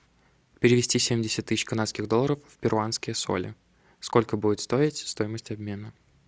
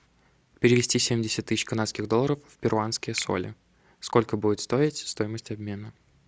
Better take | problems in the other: first | background sound (Finger snapping); 20 dB below the speech

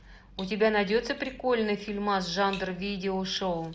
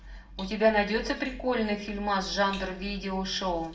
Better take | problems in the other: first | room echo; dies away in 0.5 s

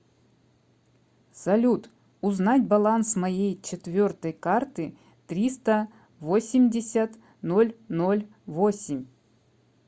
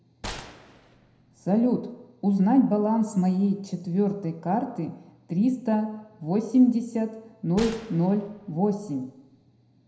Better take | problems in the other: first | background sound (Gunshot, gunfire); 17 dB below the speech // room echo; dies away in 0.7 s

